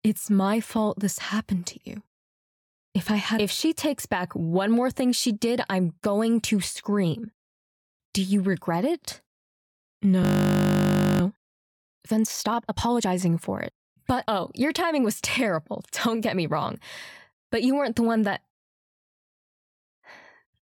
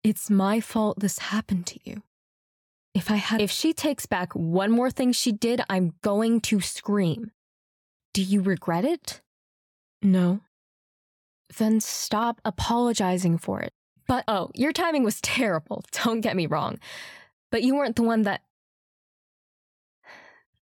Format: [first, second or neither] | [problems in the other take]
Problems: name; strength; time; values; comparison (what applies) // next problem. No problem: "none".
second | audio freezing; at 10 s for 1 s